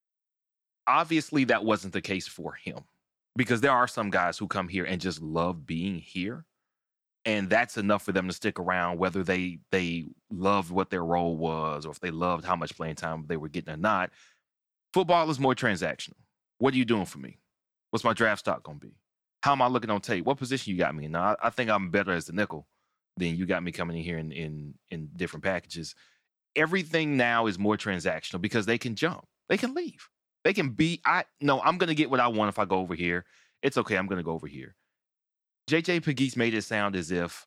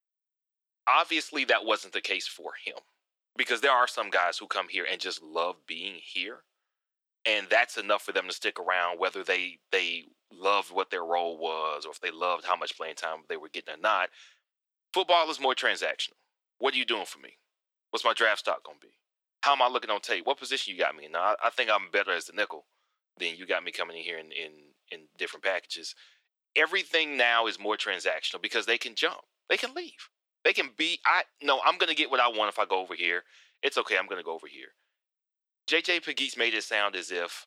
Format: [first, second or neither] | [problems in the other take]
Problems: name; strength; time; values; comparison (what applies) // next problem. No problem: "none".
first | thin; very; fading below 400 Hz